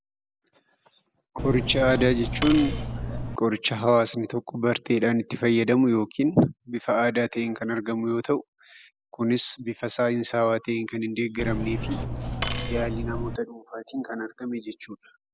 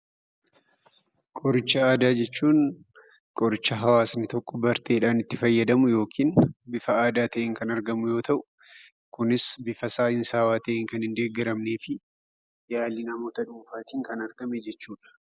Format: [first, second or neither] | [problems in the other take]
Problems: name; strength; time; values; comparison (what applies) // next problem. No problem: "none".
second | background sound (Cutlery, silverware); 4 dB below the speech